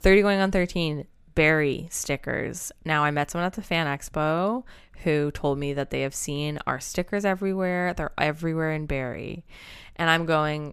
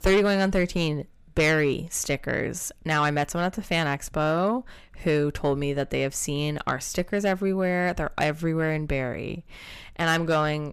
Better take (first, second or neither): first